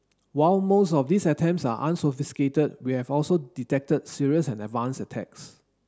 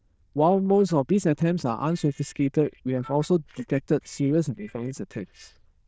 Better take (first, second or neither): first